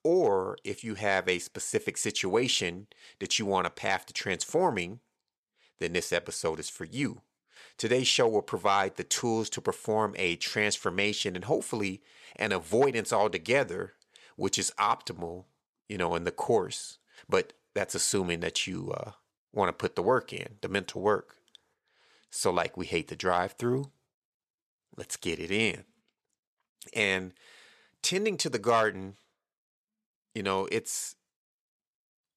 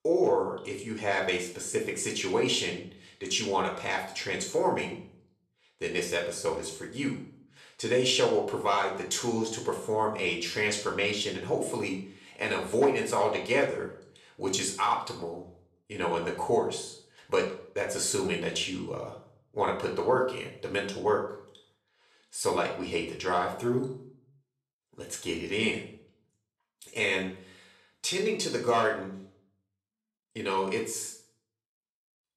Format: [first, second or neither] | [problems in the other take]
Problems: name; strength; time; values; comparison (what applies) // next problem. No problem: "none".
first | room echo; slight; dies away in 0.5 s // off-mic speech; far